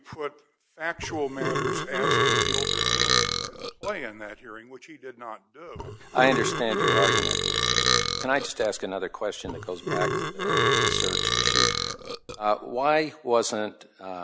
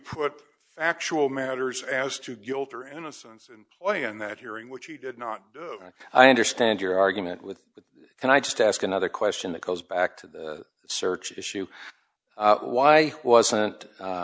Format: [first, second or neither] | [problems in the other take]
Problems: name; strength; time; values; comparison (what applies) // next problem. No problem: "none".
second | background sound (Burping, eructation); 4 dB above the speech